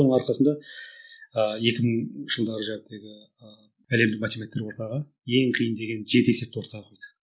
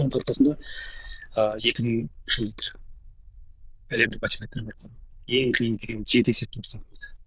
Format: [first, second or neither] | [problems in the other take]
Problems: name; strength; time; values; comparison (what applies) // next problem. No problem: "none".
first | noise reduction (neural diffusion model UNIVERSE++)